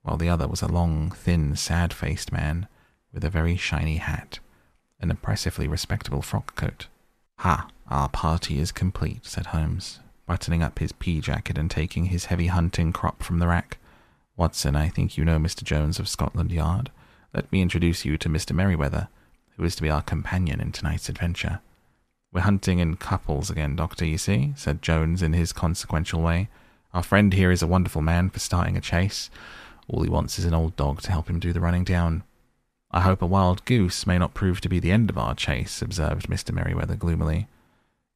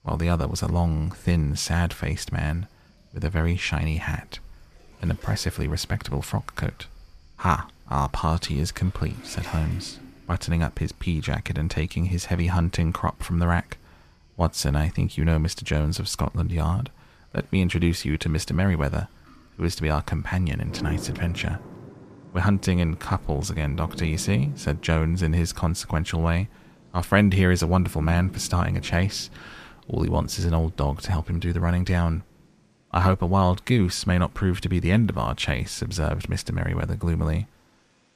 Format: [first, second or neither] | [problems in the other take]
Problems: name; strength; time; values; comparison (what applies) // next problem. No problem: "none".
first | rain or running water; noticeable; throughout; 20 dB below the speech